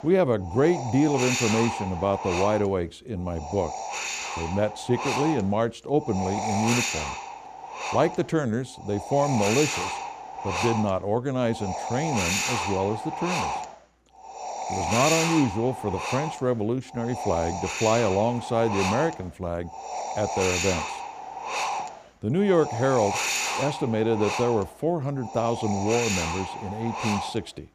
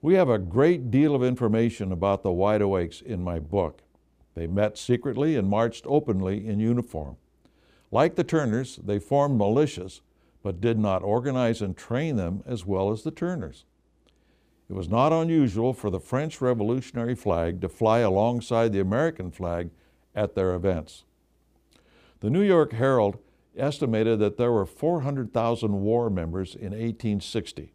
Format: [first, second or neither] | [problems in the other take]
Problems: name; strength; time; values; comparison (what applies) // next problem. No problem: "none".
second | wind noise on the microphone; heavy; 1 dB below the speech